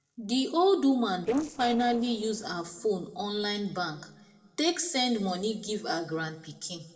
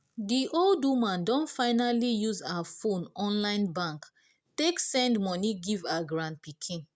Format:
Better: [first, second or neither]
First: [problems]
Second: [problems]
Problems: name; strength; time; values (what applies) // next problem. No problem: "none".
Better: second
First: noise reduction (neural separator model SepFormer DNS4)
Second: none